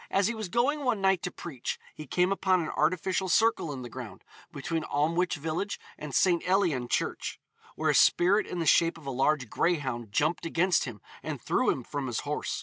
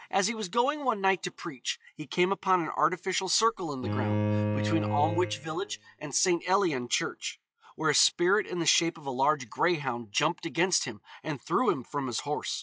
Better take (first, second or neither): first